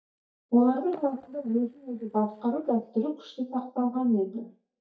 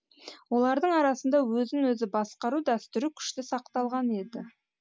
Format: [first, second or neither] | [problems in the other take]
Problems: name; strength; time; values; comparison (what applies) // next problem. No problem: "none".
second | noise reduction (neural mask model DeepFilterNet 3)